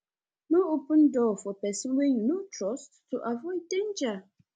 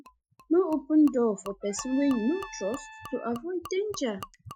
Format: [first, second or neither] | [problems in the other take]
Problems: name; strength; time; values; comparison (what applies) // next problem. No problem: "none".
first | noise reduction (classical method Wiener filter)